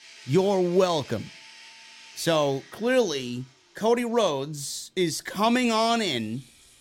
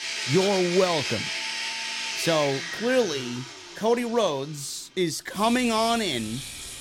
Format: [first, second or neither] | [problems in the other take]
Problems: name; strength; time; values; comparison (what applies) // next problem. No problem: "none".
first | household noises; loud; throughout; 5 dB below the speech; faint in the first